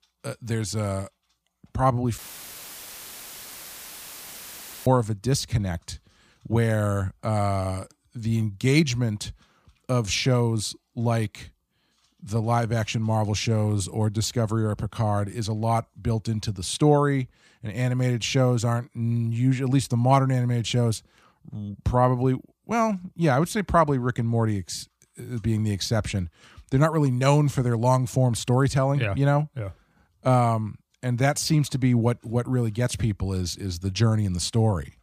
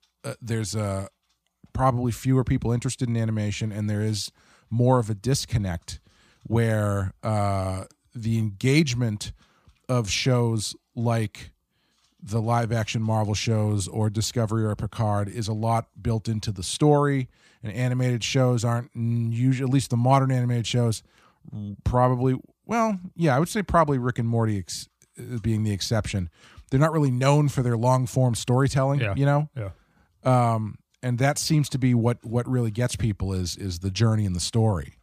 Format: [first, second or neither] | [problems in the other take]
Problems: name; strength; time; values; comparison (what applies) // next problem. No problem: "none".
second | audio cutting out; filled with static; at 2 s for 2.5 s